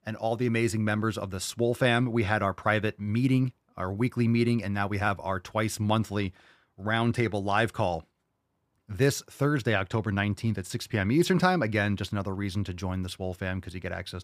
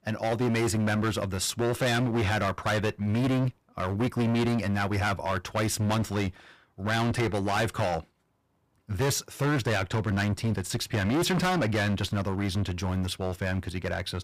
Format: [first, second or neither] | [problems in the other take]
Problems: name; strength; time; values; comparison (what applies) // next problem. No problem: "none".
first | distortion; heavy; 20% of the sound clipped